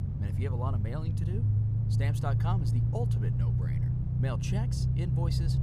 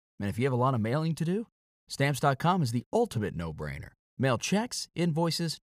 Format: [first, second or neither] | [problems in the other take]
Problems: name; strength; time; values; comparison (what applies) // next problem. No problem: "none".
second | low rumble; loud; throughout; as loud as the speech